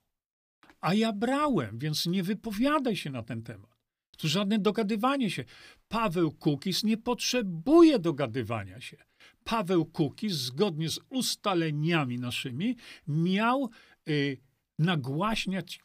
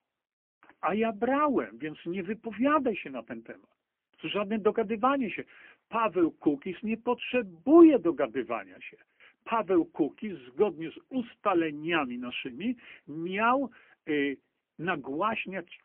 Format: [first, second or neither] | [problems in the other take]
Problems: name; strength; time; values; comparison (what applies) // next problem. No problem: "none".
first | phone-call audio; poor line; nothing above 3 kHz